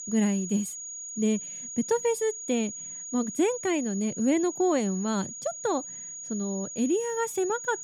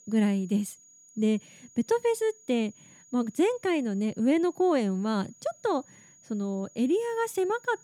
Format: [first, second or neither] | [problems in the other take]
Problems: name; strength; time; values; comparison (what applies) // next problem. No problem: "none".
second | high-pitched whine; loud; throughout; 6.5 kHz, 8 dB below the speech; faint in the second